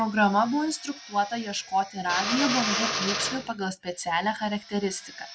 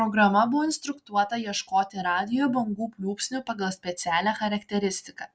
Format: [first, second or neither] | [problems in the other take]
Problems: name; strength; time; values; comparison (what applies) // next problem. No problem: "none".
second | background sound (Drill); 6 dB below the speech